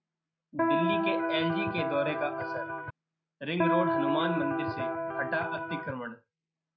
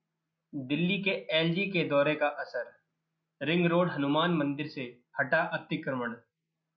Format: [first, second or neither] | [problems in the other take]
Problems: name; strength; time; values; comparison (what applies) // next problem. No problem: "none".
second | background sound (Electric guitar); 4 dB above the speech